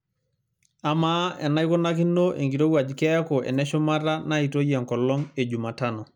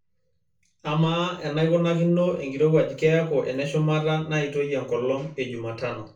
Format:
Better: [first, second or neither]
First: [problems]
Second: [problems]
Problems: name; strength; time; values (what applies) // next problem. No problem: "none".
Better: first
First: none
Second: room echo; dies away in 0.3 s